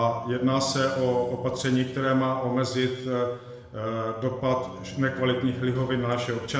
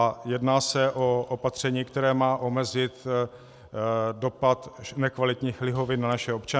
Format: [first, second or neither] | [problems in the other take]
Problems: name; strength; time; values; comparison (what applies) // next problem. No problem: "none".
second | background sound (Bowed string instrument); 19 dB below the speech // room echo; dies away in 1.1 s